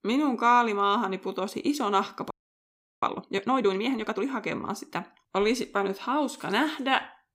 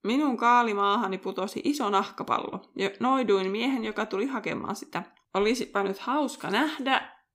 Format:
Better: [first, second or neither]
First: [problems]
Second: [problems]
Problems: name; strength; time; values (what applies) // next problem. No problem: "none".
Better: second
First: audio freezing; at 2.5 s for 0.5 s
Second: none